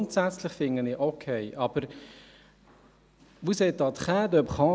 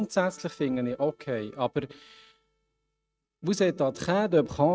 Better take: first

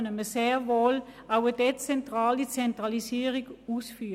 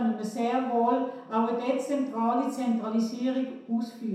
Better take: first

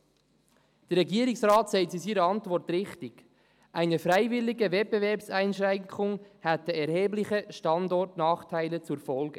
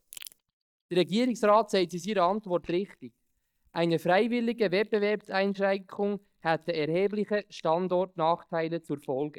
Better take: first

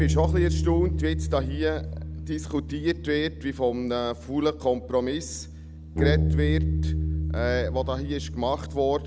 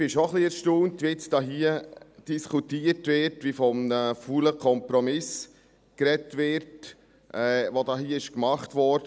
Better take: second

